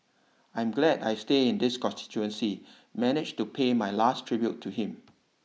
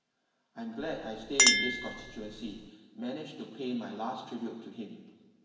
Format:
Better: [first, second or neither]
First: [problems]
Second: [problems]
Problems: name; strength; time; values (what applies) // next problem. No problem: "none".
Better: first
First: none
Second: background sound (Chink, clink); 4 dB above the speech // room echo; dies away in 1.2 s